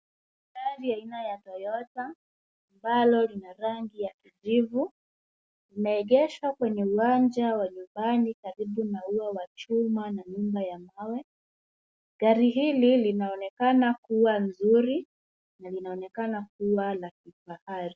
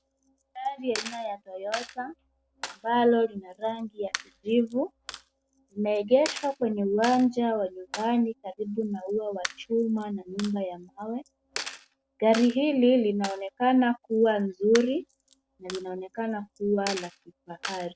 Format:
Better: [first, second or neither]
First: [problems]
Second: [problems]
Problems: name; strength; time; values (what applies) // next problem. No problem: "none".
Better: first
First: none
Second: background sound (Coin (dropping)); 15 dB below the speech